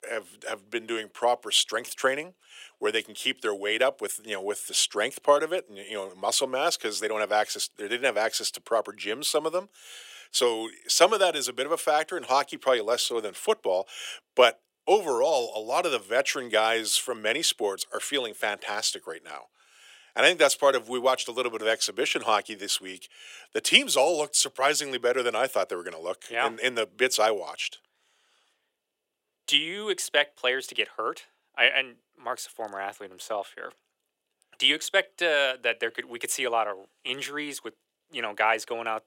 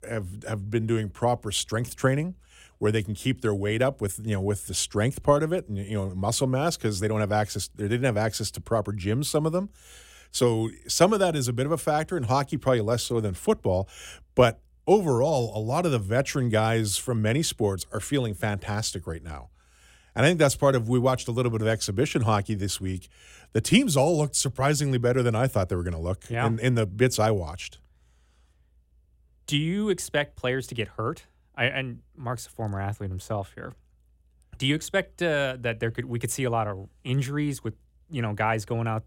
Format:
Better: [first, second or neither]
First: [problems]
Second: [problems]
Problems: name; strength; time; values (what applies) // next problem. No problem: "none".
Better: second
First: thin; very; fading below 450 Hz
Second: none